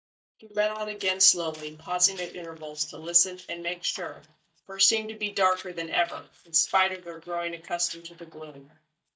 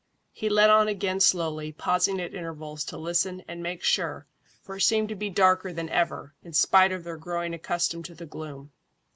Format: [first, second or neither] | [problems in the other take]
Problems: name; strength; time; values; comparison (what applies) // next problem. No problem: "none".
second | noise reduction (neural mask model DeepFilterNet 3)